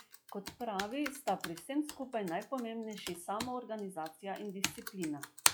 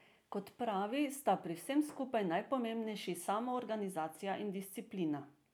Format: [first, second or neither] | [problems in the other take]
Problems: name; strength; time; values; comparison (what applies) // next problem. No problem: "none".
second | noise reduction (classical method log-MMSE)